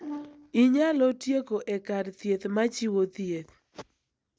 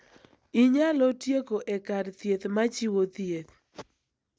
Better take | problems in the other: second | background sound (Brass instrument); 13 dB below the speech

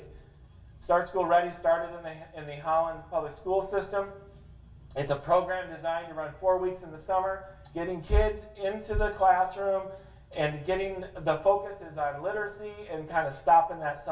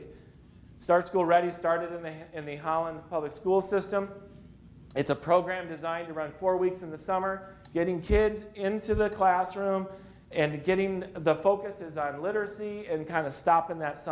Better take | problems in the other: second | room echo; dies away in 0.2 s

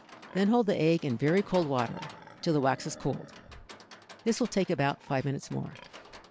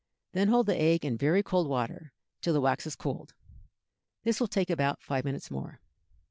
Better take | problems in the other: second | background sound (Livestock, farm animals, working animals); 18 dB below the speech

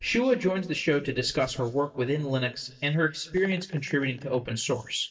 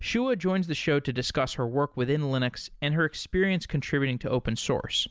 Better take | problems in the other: second | noise reduction (neural mask model DeepFilterNet 3)

